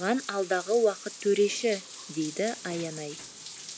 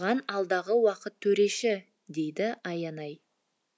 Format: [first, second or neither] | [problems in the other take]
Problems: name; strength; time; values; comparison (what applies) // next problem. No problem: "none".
second | background sound (Bathtub (filling or washing)); 13 dB below the speech